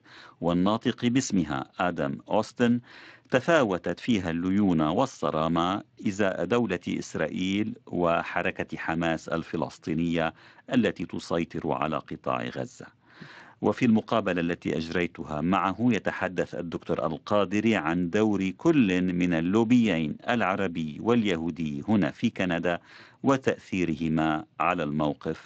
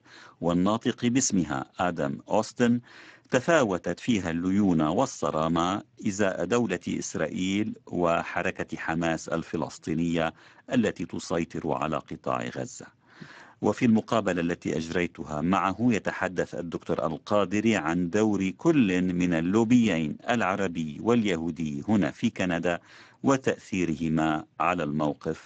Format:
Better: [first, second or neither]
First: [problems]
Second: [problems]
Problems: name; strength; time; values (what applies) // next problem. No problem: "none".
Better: first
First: garbled, watery; slightly; nothing above 7.5 kHz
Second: garbled, watery; badly; nothing above 7.5 kHz